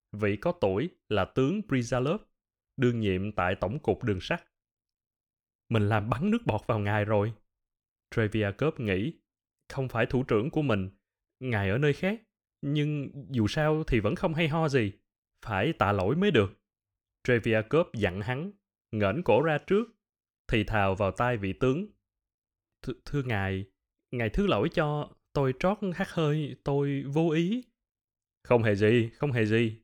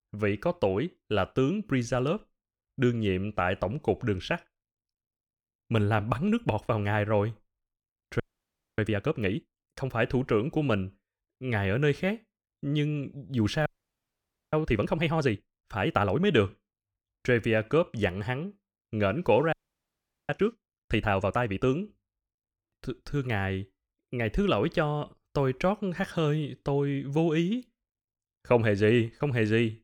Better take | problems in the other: first | audio freezing; at 8 s for 0.5 s, at 14 s for 1 s and at 20 s for 1 s

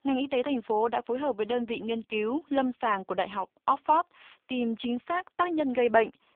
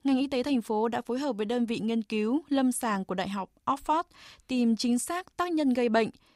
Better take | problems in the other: second | phone-call audio; poor line; nothing above 3.5 kHz

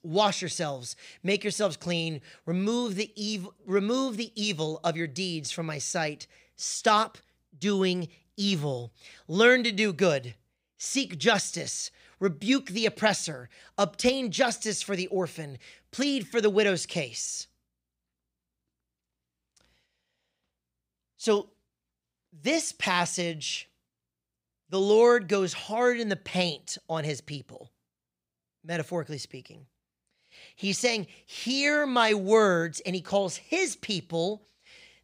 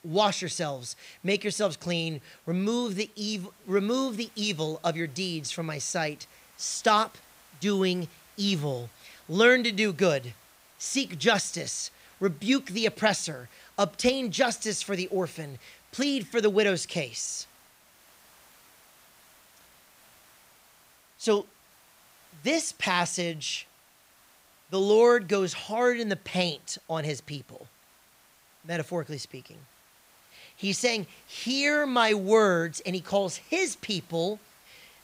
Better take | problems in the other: first | hiss; faint; throughout; 30 dB below the speech

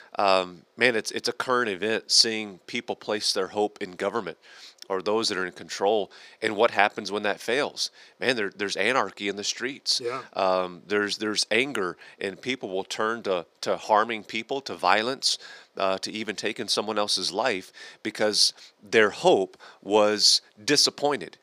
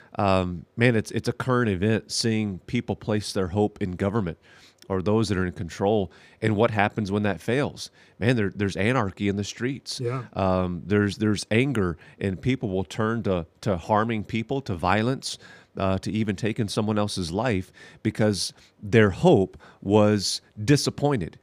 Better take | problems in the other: second | thin; somewhat; fading below 450 Hz

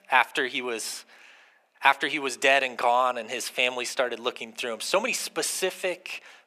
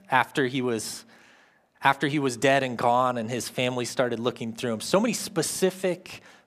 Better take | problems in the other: second | thin; somewhat; fading below 500 Hz

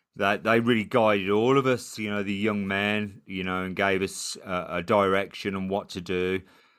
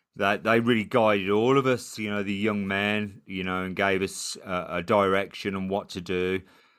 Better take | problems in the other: neither | none

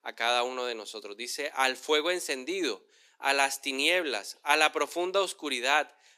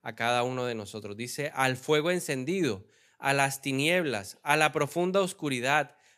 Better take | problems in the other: second | thin; somewhat; fading below 300 Hz

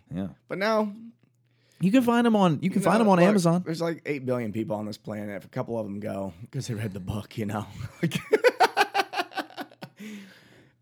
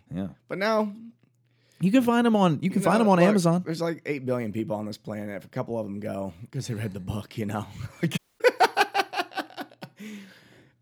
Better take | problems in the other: first | audio cutting out; at 8 s

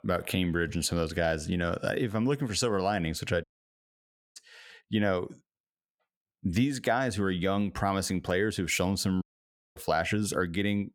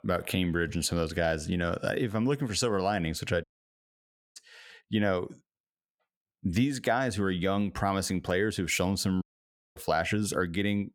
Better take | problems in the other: neither | audio cutting out; at 3.5 s for 1 s and at 9 s for 0.5 s; the same in both

